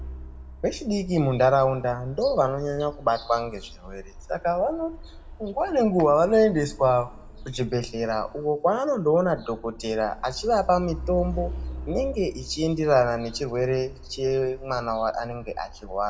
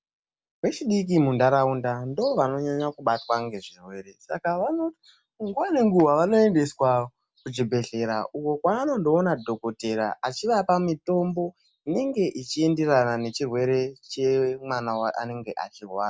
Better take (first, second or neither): second